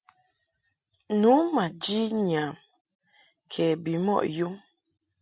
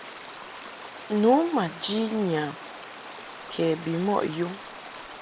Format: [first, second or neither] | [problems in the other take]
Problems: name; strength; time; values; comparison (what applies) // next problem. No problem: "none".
first | background sound (Stream); 13 dB below the speech